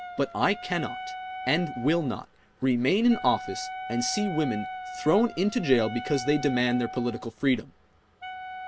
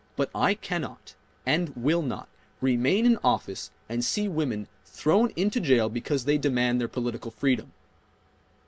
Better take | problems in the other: second | background sound (Wind instrument, woodwind instrument); 11 dB below the speech

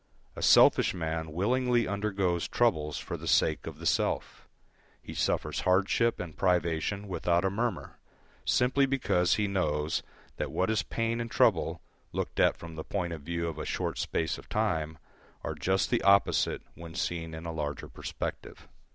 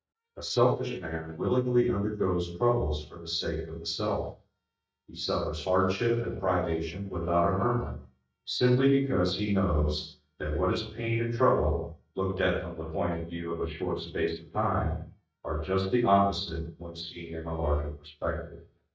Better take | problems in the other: first | noise reduction (neural mask model DeepFilterNet 3)

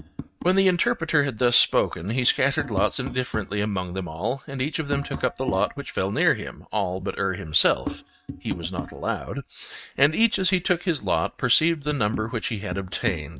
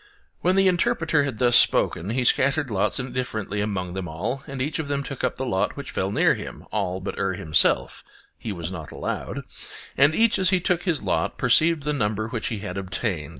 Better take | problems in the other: second | noise reduction (neural mask model RNNoise)

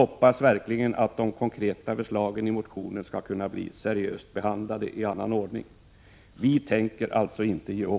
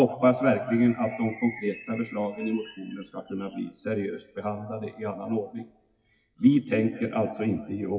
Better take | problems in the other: first | noise reduction (classical method WPE with log-MMSE)

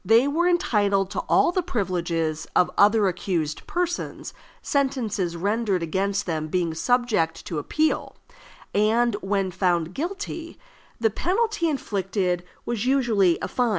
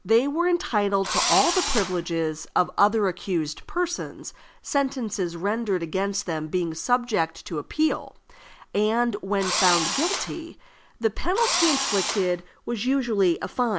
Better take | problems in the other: first | background sound (Engine / Drill); 2 dB below the speech

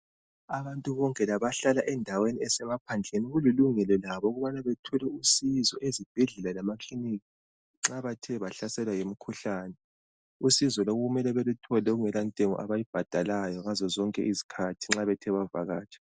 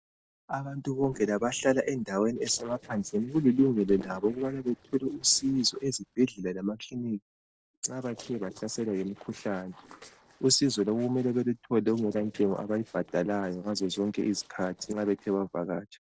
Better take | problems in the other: first | noise reduction (neural separator model SepFormer DNS4)

